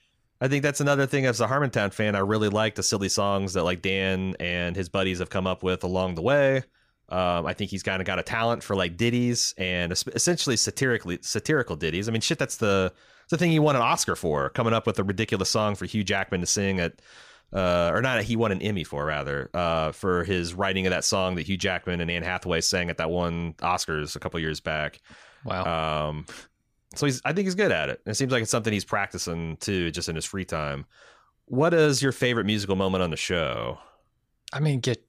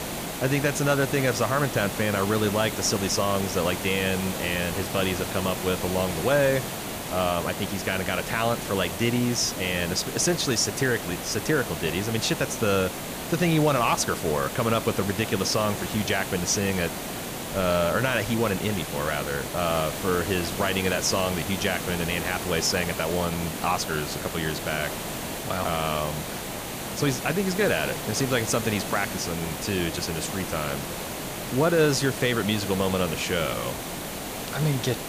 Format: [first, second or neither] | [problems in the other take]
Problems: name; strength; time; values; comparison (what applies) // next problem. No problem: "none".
first | hiss; loud; throughout; 6 dB below the speech